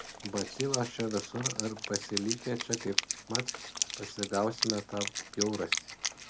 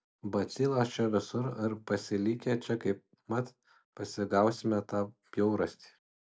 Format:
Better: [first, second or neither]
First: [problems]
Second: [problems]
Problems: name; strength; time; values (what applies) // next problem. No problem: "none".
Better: second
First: background sound (Wind instrument, woodwind instrument); 1 dB below the speech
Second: none